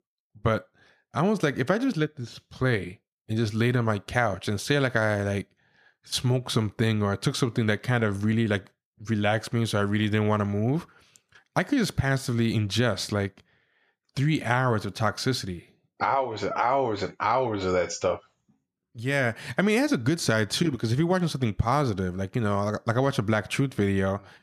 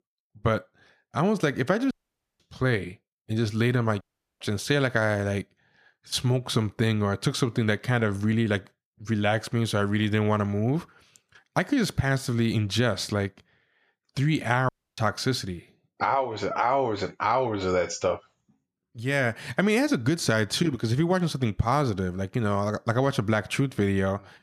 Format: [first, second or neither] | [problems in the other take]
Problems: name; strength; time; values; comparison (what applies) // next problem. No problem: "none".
first | audio cutting out; at 2 s, at 4 s and at 15 s